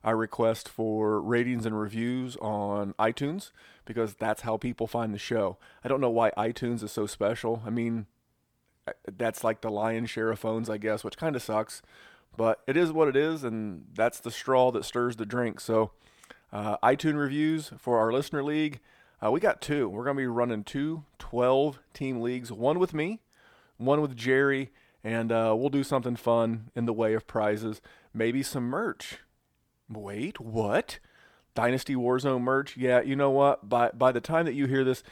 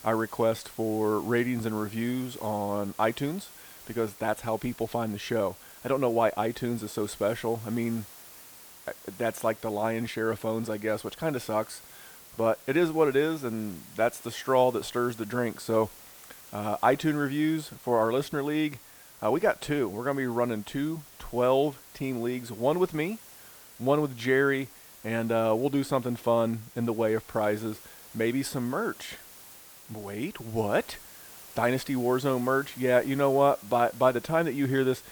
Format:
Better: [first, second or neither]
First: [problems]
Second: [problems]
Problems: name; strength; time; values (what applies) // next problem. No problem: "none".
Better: first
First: none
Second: hiss; noticeable; throughout; 20 dB below the speech